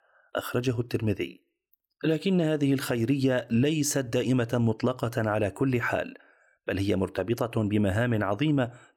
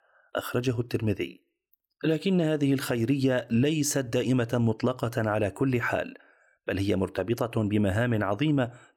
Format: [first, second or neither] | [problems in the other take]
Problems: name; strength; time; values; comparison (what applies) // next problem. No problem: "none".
neither | none